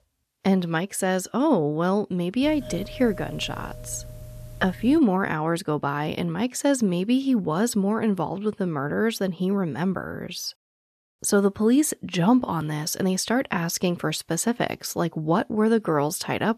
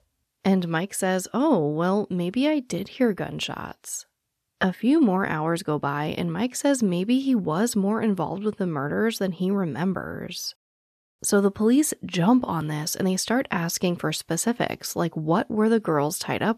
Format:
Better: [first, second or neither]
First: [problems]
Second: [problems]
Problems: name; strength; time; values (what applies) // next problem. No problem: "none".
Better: second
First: doorbell; faint; from 2.5 to 5 s; peak 15 dB below the speech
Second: none